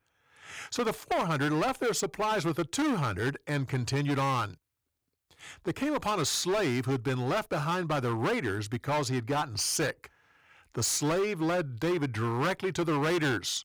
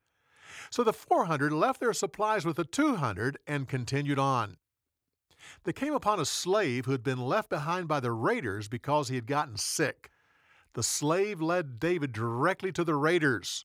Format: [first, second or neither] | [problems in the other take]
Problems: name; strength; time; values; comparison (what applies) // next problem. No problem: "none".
second | distortion; heavy; 16% of the sound clipped